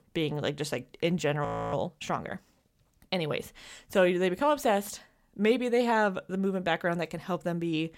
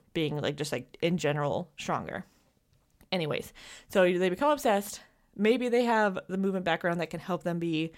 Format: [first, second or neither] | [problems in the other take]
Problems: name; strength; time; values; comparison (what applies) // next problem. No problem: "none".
second | audio freezing; at 1.5 s